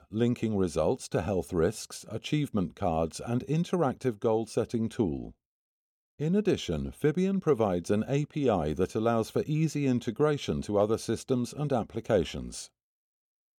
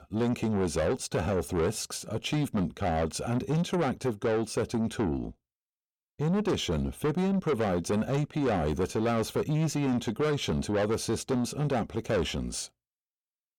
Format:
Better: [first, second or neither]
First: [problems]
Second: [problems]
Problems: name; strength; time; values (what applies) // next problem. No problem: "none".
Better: first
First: none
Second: distortion; heavy; 8 dB below the speech